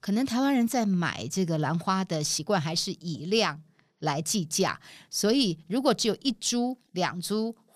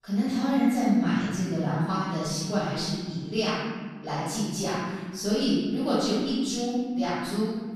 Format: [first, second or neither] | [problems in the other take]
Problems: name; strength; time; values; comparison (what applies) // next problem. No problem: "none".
first | off-mic speech; far // room echo; strong; dies away in 1.7 s